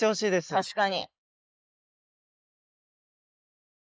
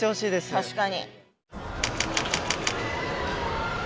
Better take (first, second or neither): second